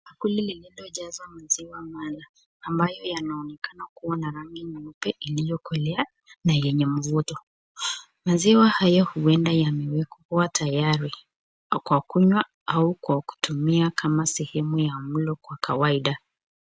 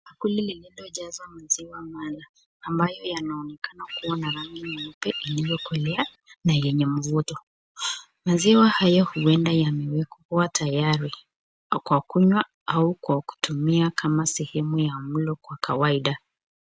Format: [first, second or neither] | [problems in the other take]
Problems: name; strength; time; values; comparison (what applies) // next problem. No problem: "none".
first | background sound (Bird vocalization, bird call, bird song); 12 dB below the speech